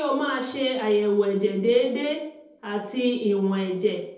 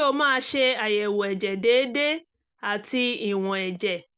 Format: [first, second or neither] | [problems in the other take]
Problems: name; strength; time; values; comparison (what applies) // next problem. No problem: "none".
second | room echo; dies away in 2.1 s